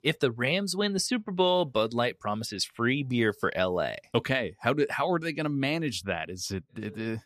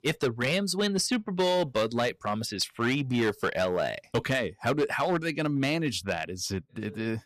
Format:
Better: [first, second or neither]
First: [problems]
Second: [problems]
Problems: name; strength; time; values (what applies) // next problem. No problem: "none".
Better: first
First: none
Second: distortion; slight; 6% of the sound clipped